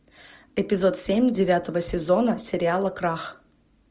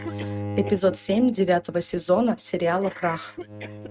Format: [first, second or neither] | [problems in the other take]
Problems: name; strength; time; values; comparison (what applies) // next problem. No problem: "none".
first | noise reduction (neural mask model RNNoise)